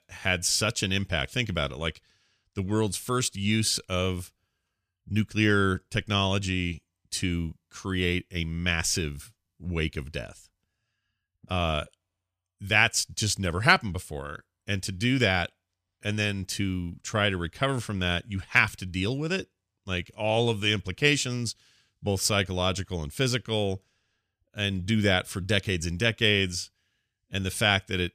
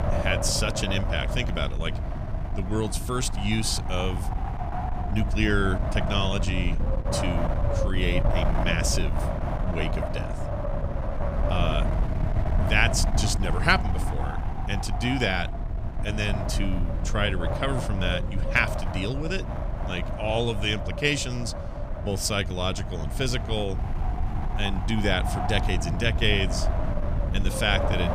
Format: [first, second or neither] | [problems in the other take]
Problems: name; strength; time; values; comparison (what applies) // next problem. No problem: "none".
first | wind noise on the microphone; heavy; 6 dB below the speech